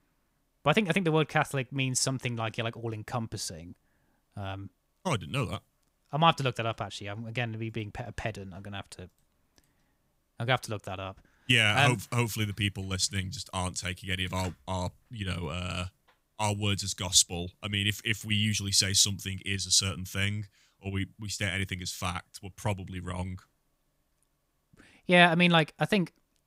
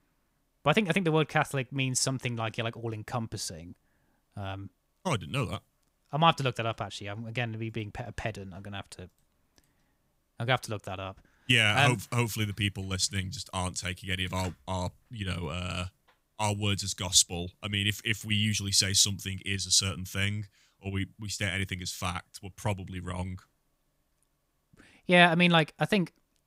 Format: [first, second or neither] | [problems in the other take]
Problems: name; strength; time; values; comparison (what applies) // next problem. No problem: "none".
neither | none